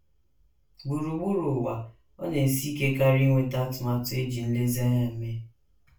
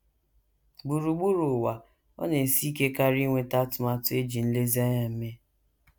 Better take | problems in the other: second | room echo; dies away in 0.3 s

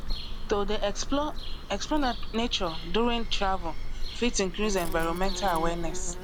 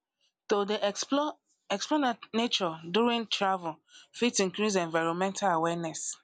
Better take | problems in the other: second | background sound (Bird vocalization, bird call, bird song); as loud as the speech

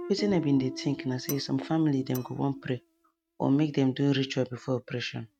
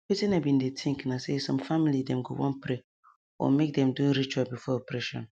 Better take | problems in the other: second | noise reduction (neural mask model RNNoise)

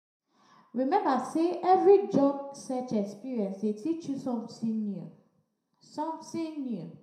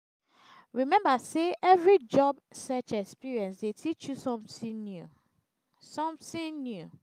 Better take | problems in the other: second | room echo; dies away in 0.5 s

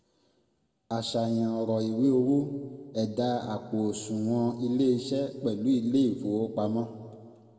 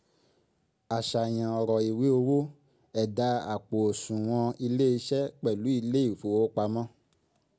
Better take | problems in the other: second | room echo; dies away in 1.5 s

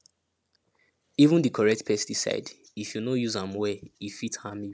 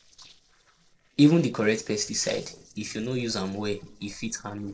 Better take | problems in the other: first | noise reduction (neural separator model SepFormer DNS4)

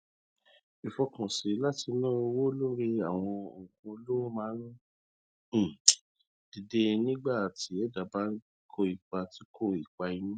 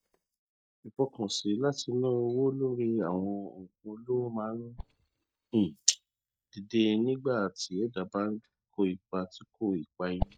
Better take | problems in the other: first | noise reduction (neural mask model DeepFilterNet 3)

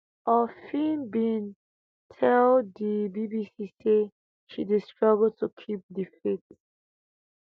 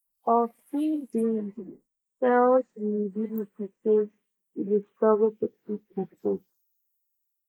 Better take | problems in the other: first | noise reduction (neural mask model Resemble Enhance denoiser)

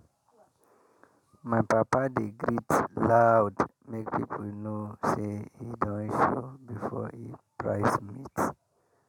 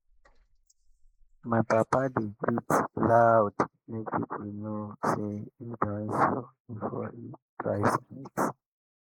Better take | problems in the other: first | noise reduction (neural mask model Resemble Enhance denoiser)

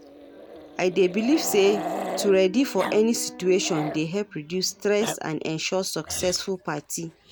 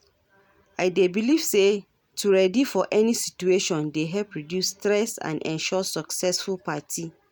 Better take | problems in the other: second | background sound (Piano + Growling); 11 dB below the speech

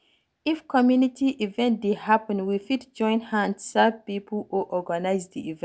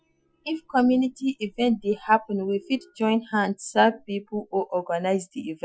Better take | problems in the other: first | noise reduction (classical method Wiener filter)

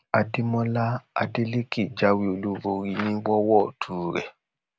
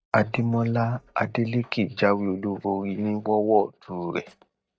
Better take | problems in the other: first | noise reduction (neural mask model DeepFilterNet 3)

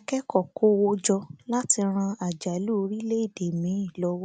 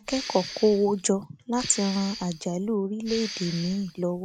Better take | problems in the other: first | background sound (Respiratory sounds); 12 dB below the speech

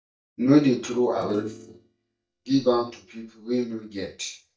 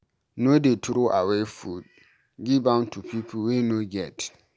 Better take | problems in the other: second | noise reduction (neural mask model DeepFilterNet 3)

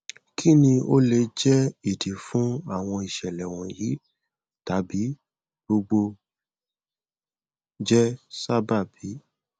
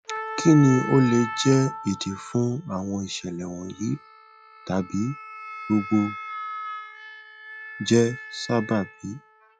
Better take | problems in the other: first | noise reduction (classical method log-MMSE)

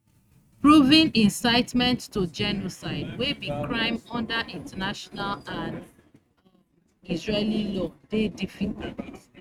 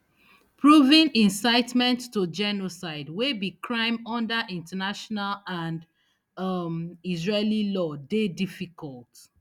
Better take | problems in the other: second | noise reduction (neural mask model RNNoise)

